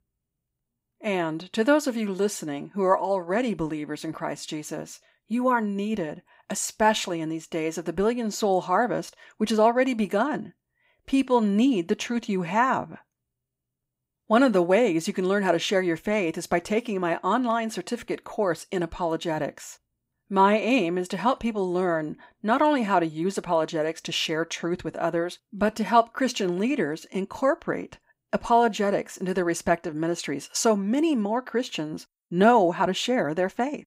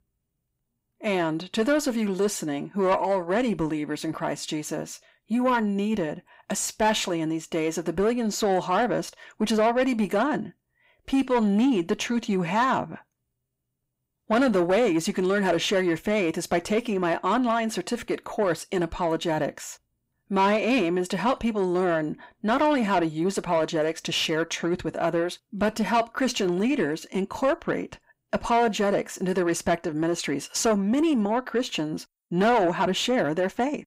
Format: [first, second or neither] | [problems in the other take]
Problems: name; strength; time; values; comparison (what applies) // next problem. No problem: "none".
first | distortion; slight; 10 dB below the speech